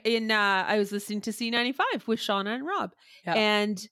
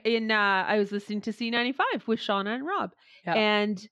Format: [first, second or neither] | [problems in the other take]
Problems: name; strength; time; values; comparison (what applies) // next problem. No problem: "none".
first | muffled; very slightly; fading above 3.5 kHz